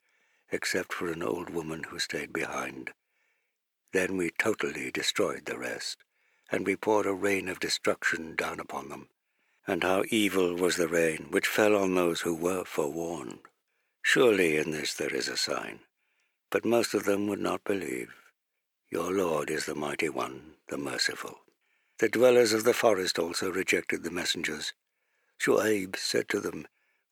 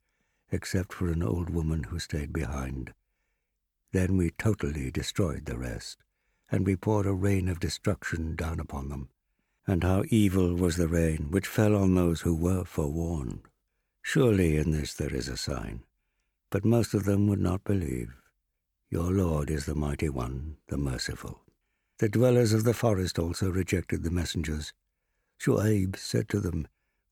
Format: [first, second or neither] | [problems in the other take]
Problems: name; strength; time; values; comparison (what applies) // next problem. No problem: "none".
second | thin; somewhat; fading below 450 Hz